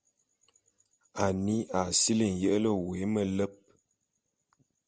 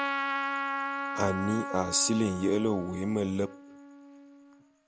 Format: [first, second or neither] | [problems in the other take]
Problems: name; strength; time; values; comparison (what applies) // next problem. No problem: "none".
first | background sound (Trumpet); 5 dB below the speech